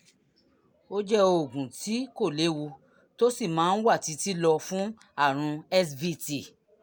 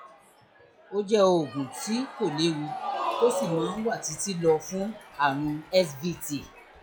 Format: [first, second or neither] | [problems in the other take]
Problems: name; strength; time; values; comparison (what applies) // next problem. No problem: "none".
first | noise reduction (classical method log-MMSE)